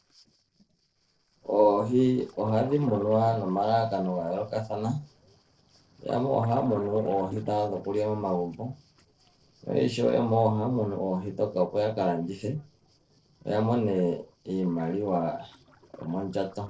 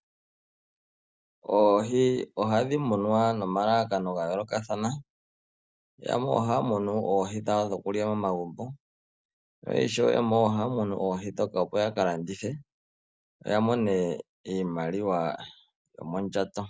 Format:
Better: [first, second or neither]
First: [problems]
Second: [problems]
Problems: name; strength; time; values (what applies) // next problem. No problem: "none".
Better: second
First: noise reduction (neural separator model SepFormer DNS4)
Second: none